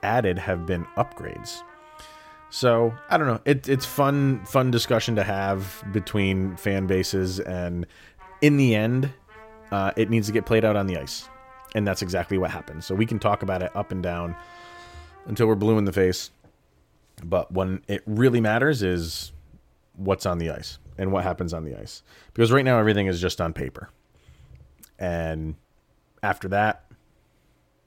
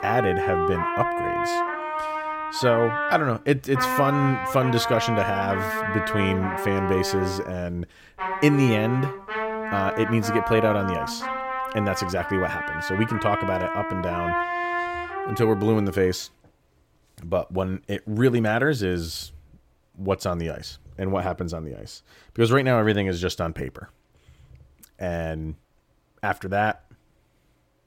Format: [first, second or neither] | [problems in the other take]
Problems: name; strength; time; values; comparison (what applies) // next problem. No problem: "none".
first | background music; loud; until 15 s; 3 dB below the speech; faint in the first